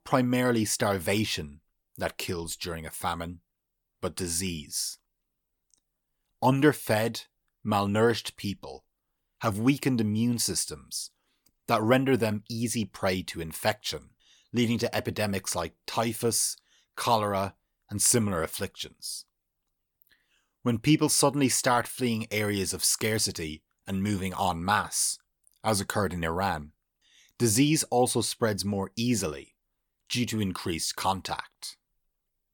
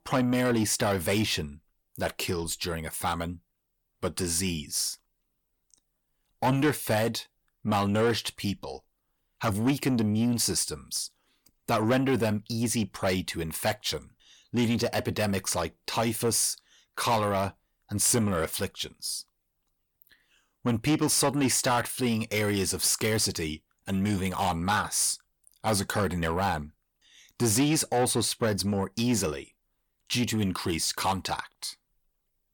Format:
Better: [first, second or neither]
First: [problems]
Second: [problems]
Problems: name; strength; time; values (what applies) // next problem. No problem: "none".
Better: first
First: none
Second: distortion; slight; 10 dB below the speech